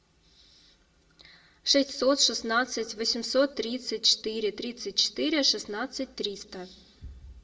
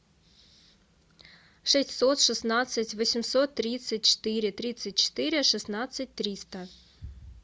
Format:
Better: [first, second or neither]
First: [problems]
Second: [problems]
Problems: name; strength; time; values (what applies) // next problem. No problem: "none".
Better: second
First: room echo; dies away in 0.8 s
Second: none